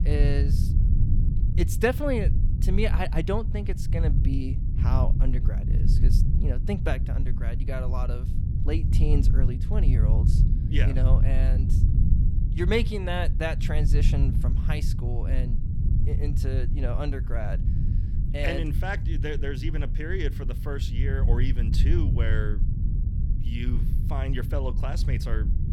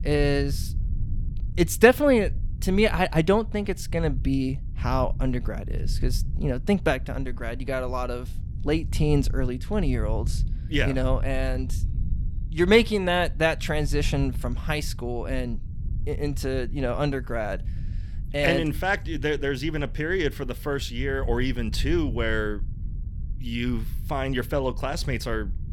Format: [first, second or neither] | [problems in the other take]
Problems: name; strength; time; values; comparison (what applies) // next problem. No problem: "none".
second | low rumble; loud; throughout; 7 dB below the speech; faint in the second